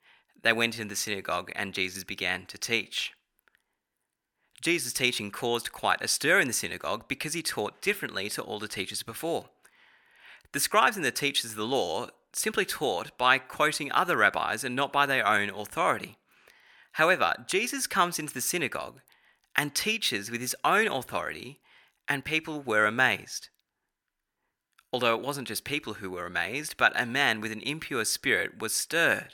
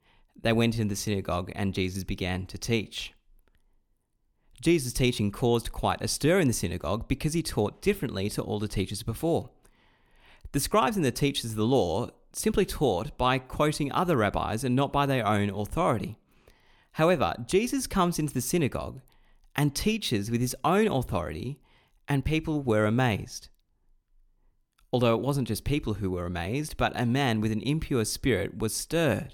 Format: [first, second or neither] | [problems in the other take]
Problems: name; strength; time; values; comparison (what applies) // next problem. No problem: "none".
second | thin; somewhat; fading below 900 Hz